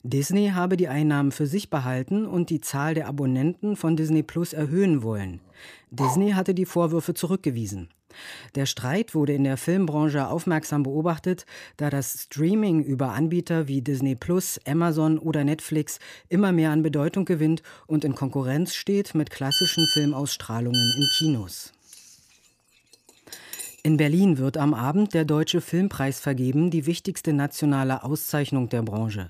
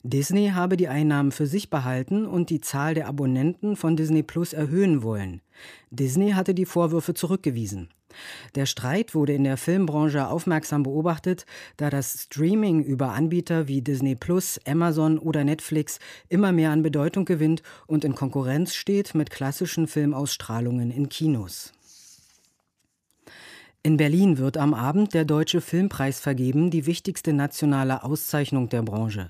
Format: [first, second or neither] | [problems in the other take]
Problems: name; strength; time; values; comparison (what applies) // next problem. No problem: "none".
second | dog barking; noticeable; at 6 s; peak 5 dB below the speech // phone ringing; loud; from 20 to 21 s; peak 5 dB above the speech // clattering dishes; faint; from 22 to 24 s; peak 10 dB below the speech